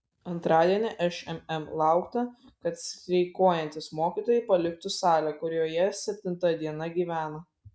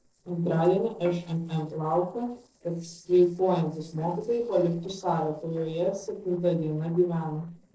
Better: first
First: none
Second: noise reduction (neural separator model SepFormer DNS4)

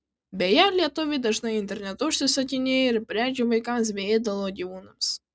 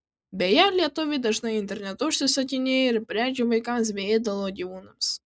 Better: first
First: none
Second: noise reduction (neural mask model Resemble Enhance denoiser)

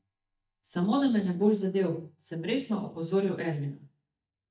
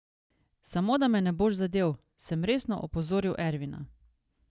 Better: second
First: noise reduction (neural mask model DeepFilterNet 3)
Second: none

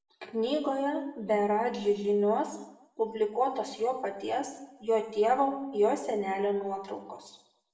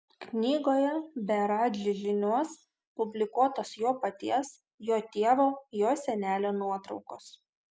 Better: second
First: room echo; dies away in 0.7 s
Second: none

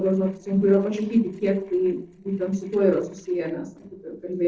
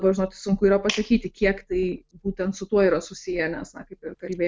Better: second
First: noise reduction (neural separator model SepFormer DNS4)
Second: none

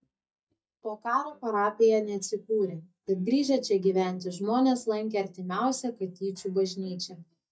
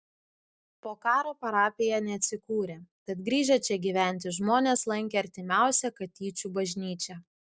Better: second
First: noise reduction (neural mask model DeepFilterNet 3)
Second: none

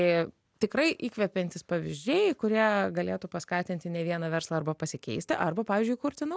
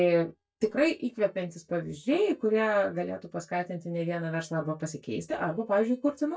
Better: first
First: none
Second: noise reduction (neural mask model DeepFilterNet 3)

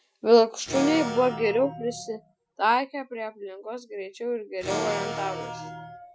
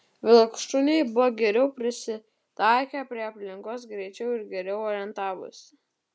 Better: second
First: noise reduction (classical method Wiener filter)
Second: none

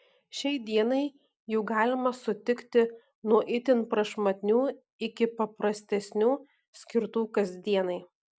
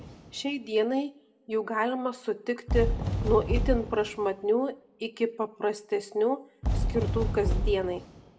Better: first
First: none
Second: background sound (Fireworks); 3 dB below the speech // room echo; dies away in 0.4 s

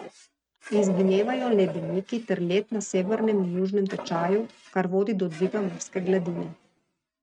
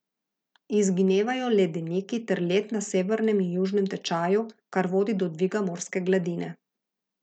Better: second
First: noise reduction (neural mask model RNNoise)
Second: none

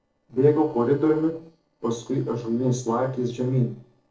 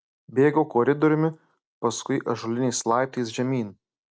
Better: second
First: noise reduction (neural separator model SepFormer DNS4)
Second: none

